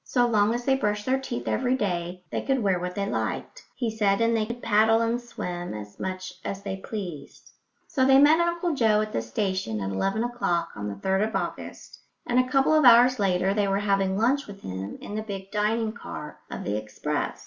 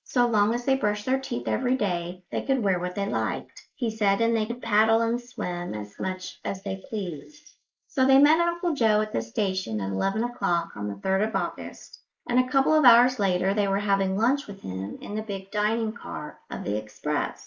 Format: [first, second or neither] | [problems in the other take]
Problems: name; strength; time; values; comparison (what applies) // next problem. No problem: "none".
first | noise reduction (neural mask model Resemble Enhance denoiser)